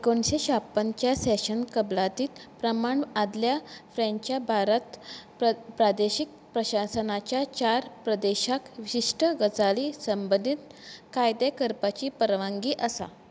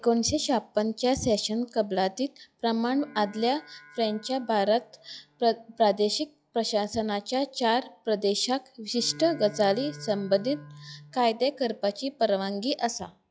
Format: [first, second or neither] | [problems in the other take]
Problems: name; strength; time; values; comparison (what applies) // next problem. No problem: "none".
first | noise reduction (classical method log-MMSE)